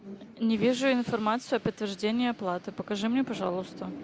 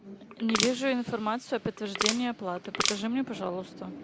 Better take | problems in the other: first | background sound (Crushing); as loud as the speech

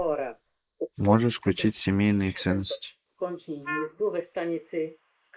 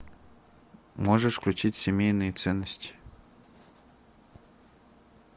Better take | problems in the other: second | noise reduction (neural mask model Resemble Enhance denoiser)

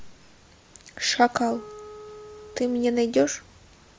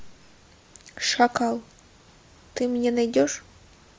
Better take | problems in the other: second | background sound (Wind instrument, woodwind instrument); 19 dB below the speech

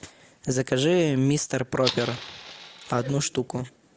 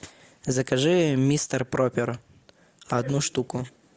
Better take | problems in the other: second | background sound (Fire); 11 dB below the speech

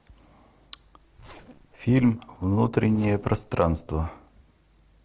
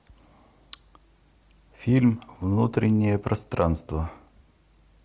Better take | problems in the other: second | noise reduction (neural separator model SepFormer DNS4)

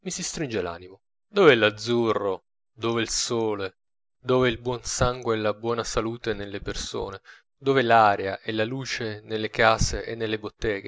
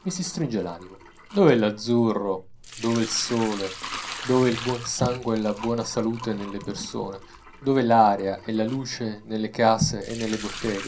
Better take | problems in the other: first | background sound (Sink (filling or washing) / Liquid); 15 dB below the speech // room echo; dies away in 0.3 s

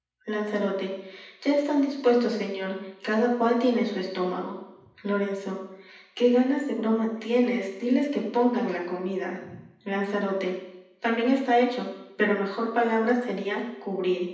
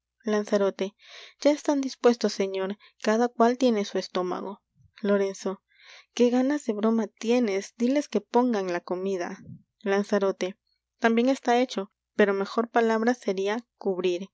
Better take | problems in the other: second | room echo; dies away in 0.9 s

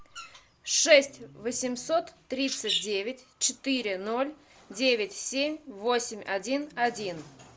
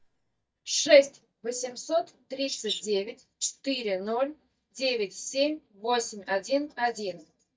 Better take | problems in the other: first | noise reduction (neural mask model DeepFilterNet 3)

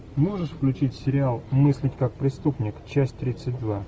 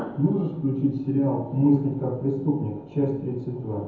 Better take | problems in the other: first | room echo; dies away in 0.9 s

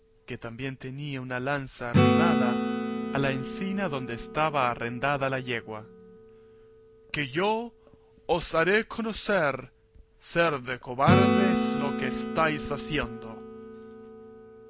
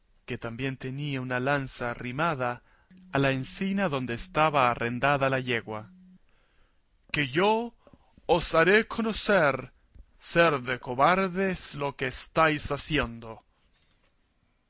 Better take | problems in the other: second | background sound (Acoustic guitar / Strum); as loud as the speech

